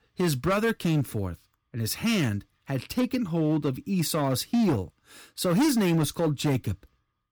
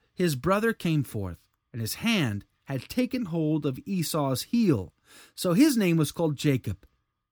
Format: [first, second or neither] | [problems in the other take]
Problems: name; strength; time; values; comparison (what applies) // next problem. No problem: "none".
second | distortion; slight; 9% of the sound clipped